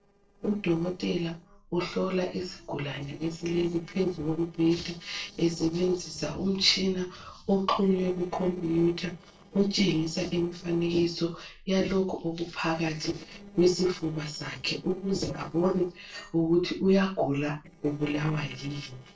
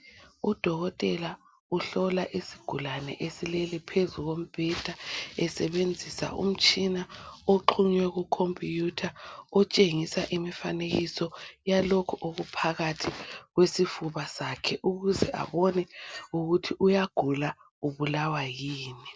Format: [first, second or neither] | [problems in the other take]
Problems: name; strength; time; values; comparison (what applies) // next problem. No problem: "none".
second | noise reduction (neural separator model SepFormer DNS4)